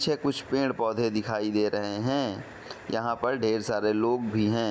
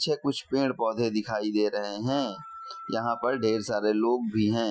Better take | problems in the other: first | noise reduction (classical method Wiener filter)

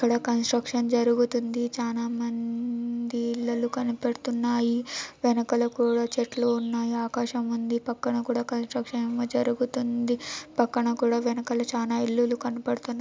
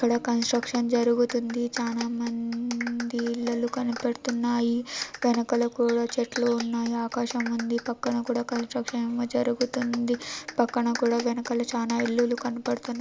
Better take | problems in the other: first | background sound (Clapping); 14 dB below the speech

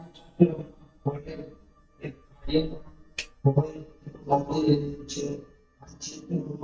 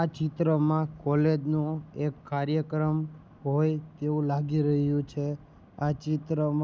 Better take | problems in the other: second | noise reduction (neural mask model DeepFilterNet 3)

